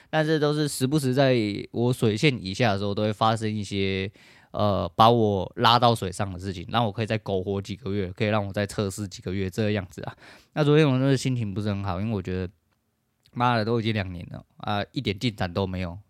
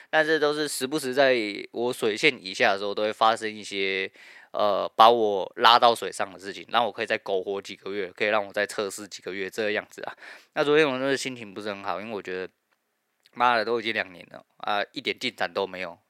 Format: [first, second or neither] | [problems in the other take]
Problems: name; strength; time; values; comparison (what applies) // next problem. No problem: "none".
first | thin; somewhat; fading below 450 Hz